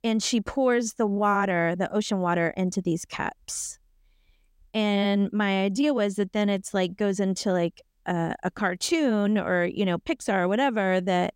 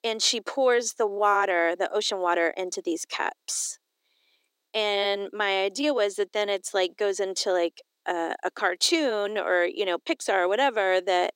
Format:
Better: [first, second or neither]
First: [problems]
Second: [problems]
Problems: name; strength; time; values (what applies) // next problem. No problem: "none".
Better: first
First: none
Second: thin; very; fading below 300 Hz